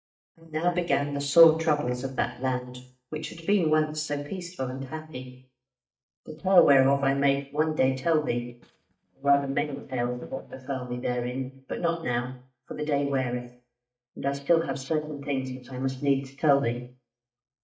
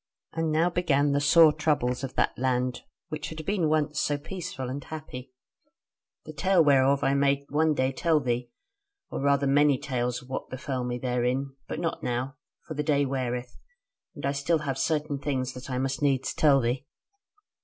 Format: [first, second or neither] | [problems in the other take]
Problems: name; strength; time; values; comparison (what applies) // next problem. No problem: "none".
second | noise reduction (neural mask model DeepFilterNet 3)